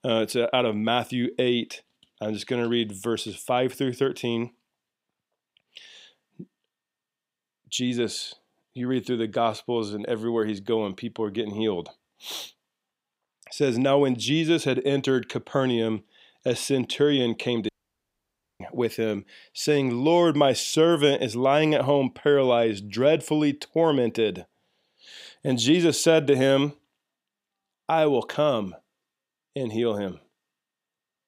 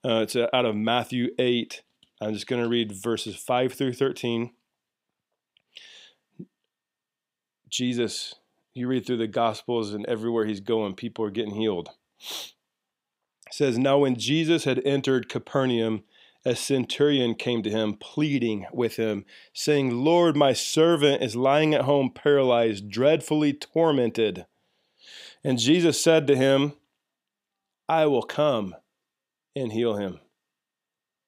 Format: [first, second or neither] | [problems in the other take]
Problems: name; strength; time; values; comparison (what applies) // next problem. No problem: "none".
second | audio cutting out; at 18 s for 1 s